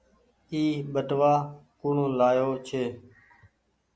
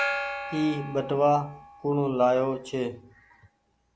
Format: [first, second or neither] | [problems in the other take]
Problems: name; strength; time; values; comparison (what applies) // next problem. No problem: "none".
first | background sound (Gong); 9 dB below the speech